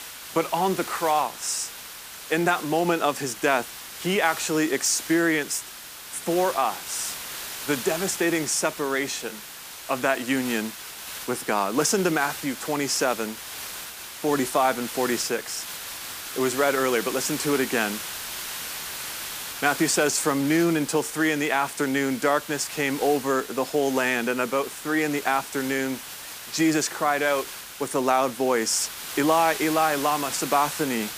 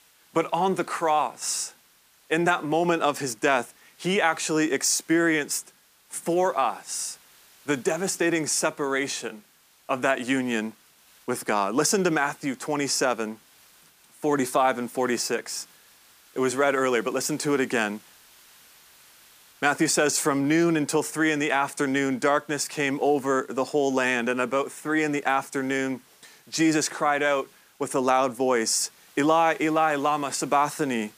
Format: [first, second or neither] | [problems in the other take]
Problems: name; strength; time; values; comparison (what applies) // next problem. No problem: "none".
second | hiss; loud; throughout; 10 dB below the speech; faint in the second